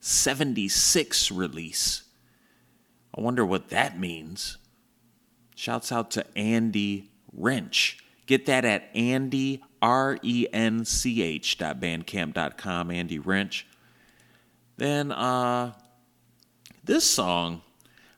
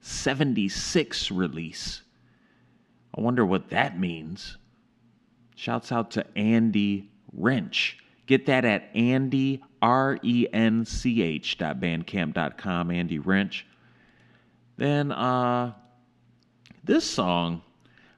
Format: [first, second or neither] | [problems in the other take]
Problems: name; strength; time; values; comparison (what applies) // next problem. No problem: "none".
first | muffled; slightly; fading above 3.5 kHz